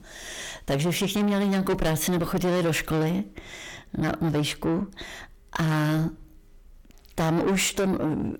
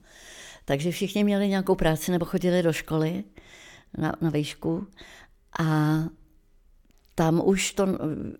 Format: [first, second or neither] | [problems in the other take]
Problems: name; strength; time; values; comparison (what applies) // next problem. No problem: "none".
second | distortion; heavy; 6 dB below the speech